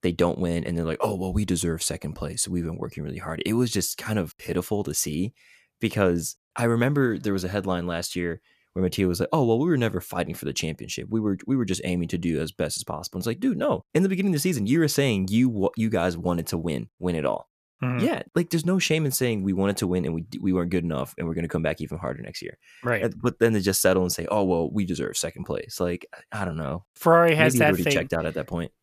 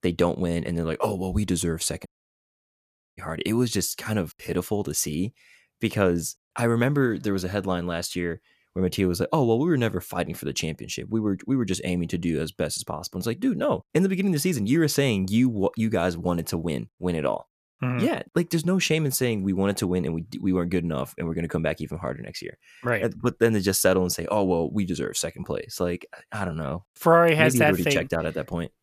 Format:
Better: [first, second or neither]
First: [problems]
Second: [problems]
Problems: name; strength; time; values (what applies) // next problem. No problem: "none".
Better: first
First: none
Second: audio cutting out; at 2 s for 1 s